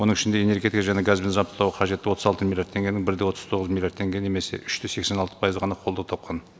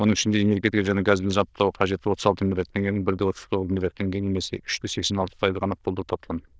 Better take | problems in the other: first | noise reduction (neural diffusion model UNIVERSE++)

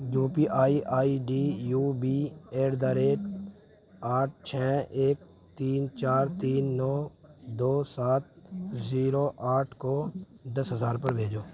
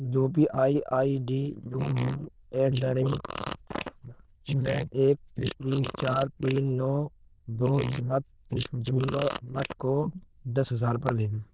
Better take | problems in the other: first | noise reduction (neural diffusion model UNIVERSE++)

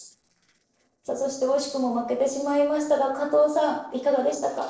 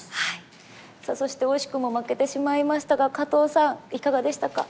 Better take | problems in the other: second | noise reduction (neural separator model SepFormer DNS4)

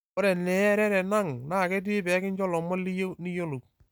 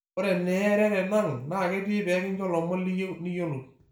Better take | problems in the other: first | room echo; dies away in 0.4 s

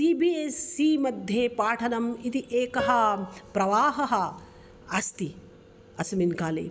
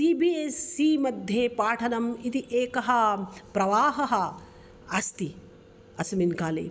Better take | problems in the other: second | background sound (Piano); 13 dB below the speech

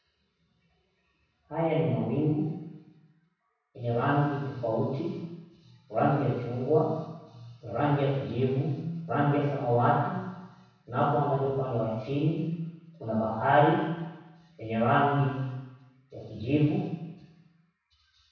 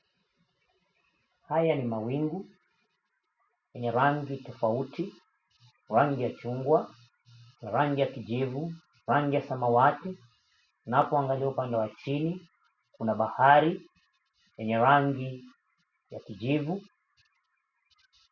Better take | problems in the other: second | room echo; dies away in 1.1 s

